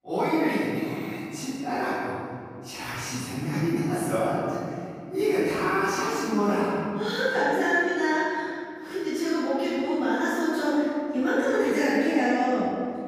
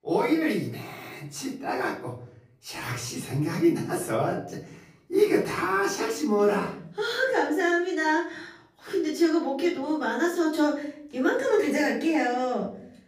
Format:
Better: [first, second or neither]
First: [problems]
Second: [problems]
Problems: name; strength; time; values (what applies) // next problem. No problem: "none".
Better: second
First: room echo; strong; dies away in 2.5 s // off-mic speech; far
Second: room echo; slight; dies away in 0.6 s // off-mic speech; far